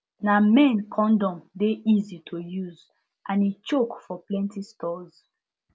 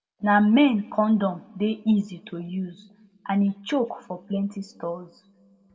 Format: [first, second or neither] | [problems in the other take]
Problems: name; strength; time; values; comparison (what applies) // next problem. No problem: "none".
first | room echo; dies away in 0.8 s